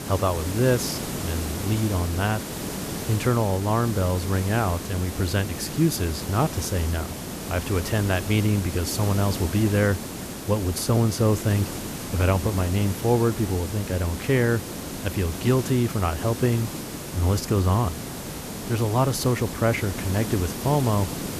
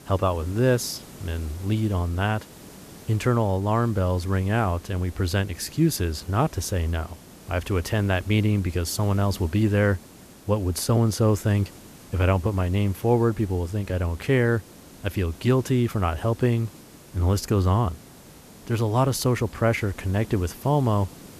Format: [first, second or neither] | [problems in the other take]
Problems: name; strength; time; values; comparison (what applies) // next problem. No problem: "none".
second | hiss; loud; throughout; 8 dB below the speech; faint in the second